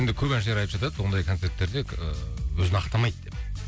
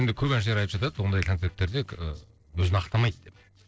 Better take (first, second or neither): first